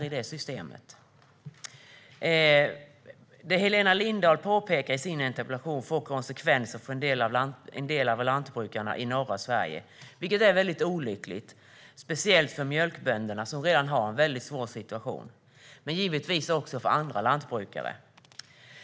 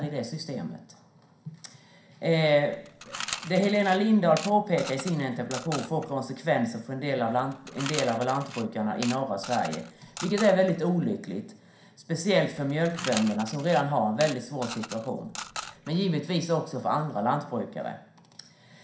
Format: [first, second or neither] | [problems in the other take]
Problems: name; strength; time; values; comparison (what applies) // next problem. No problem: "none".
first | background sound (Coin (dropping) / Mechanisms); 12 dB below the speech // room echo; dies away in 0.5 s